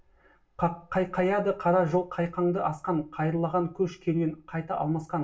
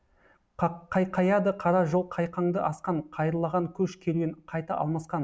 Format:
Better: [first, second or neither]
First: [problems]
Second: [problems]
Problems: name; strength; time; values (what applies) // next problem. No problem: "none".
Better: second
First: room echo; dies away in 0.2 s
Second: none